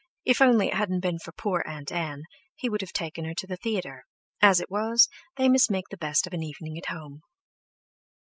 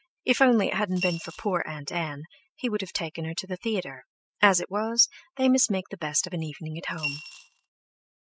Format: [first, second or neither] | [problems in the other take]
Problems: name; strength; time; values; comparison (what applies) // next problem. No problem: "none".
first | noise reduction (neural mask model RNNoise)